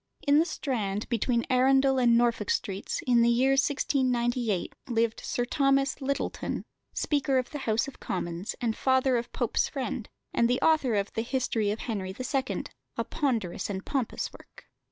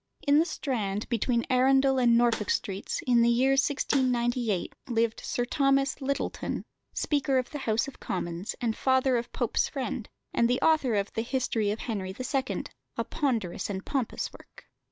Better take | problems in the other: first | background sound (Snare drum); 11 dB below the speech

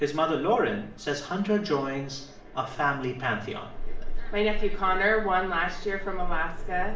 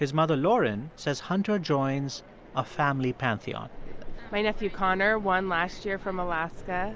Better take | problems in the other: second | room echo; dies away in 0.5 s

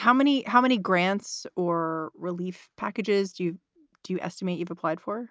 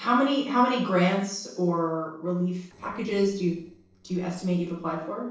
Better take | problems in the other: first | noise reduction (neural separator model SepFormer DNS4)

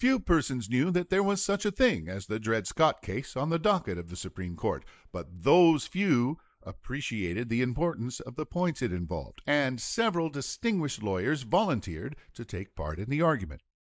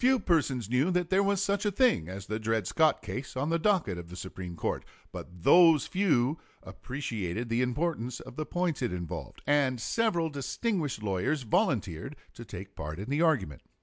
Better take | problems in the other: second | noise reduction (neural mask model Resemble Enhance denoiser)

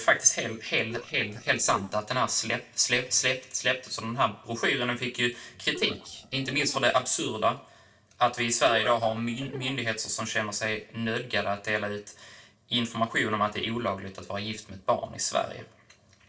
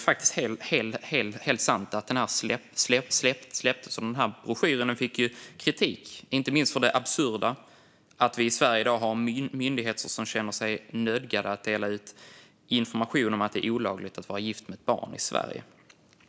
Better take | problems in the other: second | noise reduction (neural separator model SepFormer DNS4)

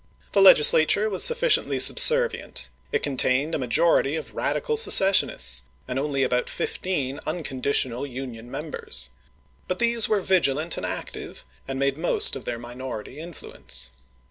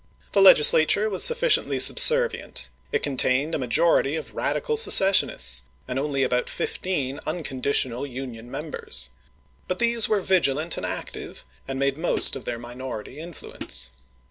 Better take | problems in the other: first | background sound (Hi-hat); 10 dB below the speech

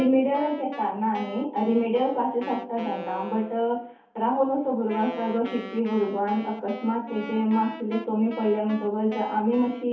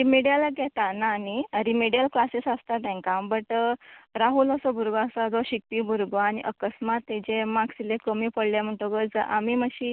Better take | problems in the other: second | background sound (Wind instrument, woodwind instrument); 15 dB below the speech // room echo; dies away in 0.5 s

